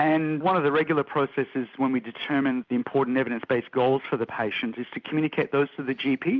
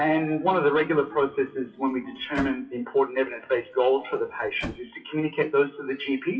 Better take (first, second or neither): first